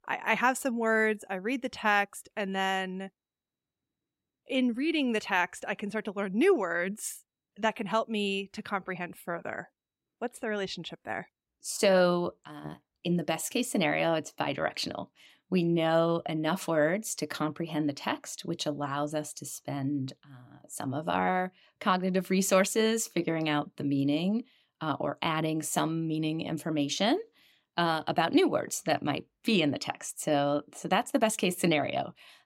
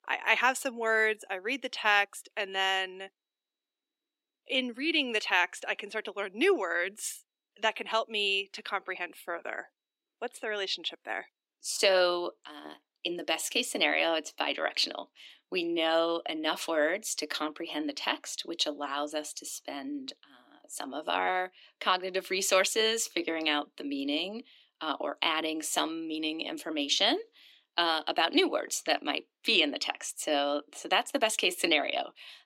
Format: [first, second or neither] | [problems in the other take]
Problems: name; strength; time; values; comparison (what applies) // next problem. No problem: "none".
first | thin; somewhat; fading below 300 Hz